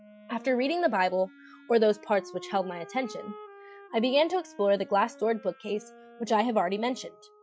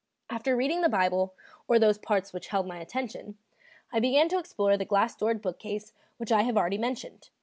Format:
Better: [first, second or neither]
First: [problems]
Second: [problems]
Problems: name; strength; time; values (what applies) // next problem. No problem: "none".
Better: second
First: noise reduction (classical method Wiener filter)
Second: none